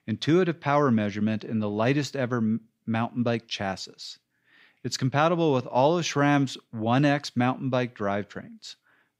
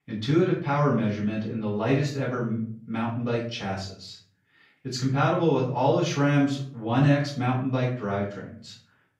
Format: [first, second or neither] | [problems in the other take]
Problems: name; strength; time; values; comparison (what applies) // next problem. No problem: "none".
first | off-mic speech; far // room echo; noticeable; dies away in 0.5 s